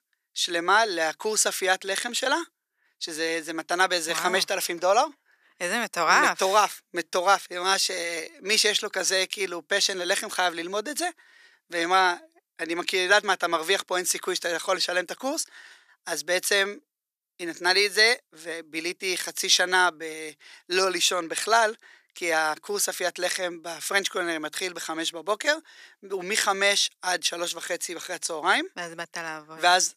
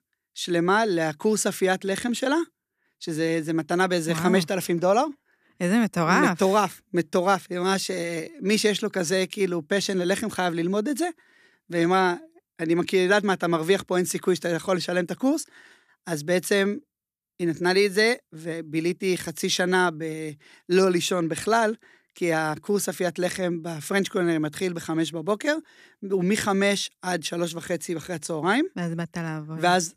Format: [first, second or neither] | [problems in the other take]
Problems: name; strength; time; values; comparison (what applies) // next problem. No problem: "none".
second | thin; very; fading below 650 Hz